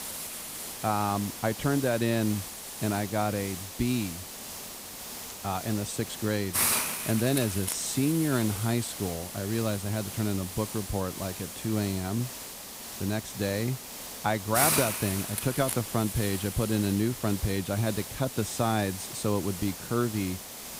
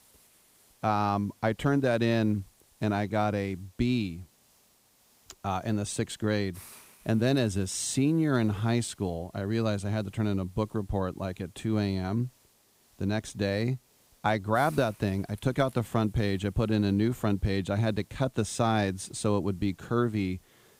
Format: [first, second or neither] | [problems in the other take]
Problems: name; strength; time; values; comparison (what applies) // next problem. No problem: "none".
second | hiss; loud; throughout; 4 dB below the speech; faint in the second